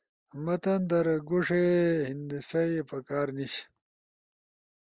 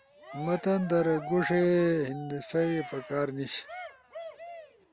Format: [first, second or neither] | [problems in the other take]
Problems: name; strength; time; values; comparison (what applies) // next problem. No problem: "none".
first | background sound (Cheering); 13 dB below the speech